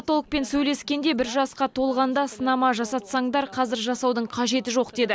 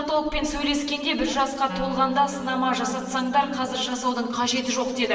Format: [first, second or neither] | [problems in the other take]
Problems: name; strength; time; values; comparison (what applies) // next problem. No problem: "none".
first | background sound (Wind instrument, woodwind instrument); 13 dB below the speech // room echo; dies away in 1.3 s